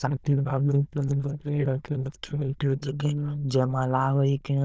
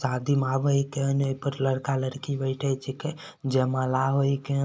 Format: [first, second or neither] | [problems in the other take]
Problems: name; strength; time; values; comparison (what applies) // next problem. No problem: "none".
second | noise reduction (neural diffusion model UNIVERSE++)